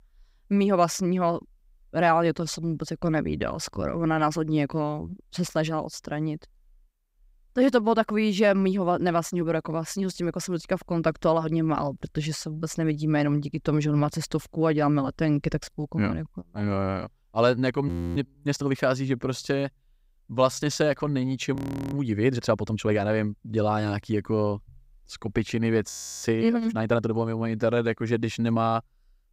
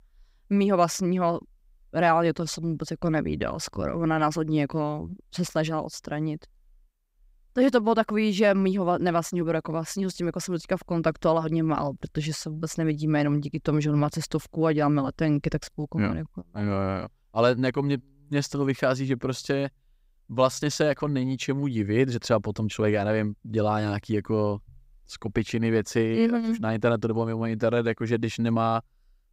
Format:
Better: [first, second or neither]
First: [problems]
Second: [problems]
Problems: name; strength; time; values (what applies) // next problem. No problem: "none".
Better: second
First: audio freezing; at 18 s, at 22 s and at 26 s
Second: none